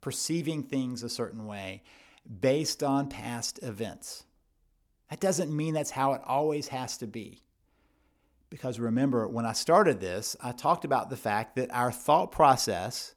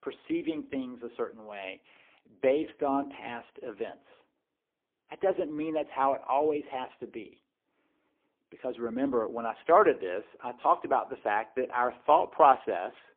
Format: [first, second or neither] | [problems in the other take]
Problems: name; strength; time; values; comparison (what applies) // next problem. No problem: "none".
first | phone-call audio; poor line